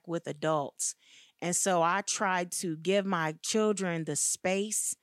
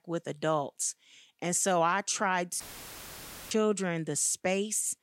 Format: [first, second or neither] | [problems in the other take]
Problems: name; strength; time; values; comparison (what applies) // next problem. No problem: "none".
first | audio cutting out; filled with static; at 2.5 s for 1 s